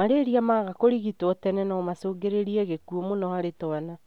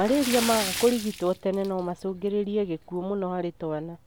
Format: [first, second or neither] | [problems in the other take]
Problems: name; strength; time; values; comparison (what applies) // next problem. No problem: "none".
first | background sound (Splash, splatter); 10 dB below the speech